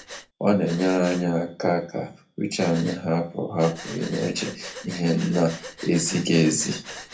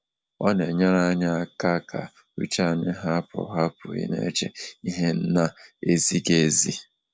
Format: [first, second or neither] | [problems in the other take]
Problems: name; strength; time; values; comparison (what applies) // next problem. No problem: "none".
second | background sound (Breathing); 16 dB below the speech // room echo; dies away in 0.3 s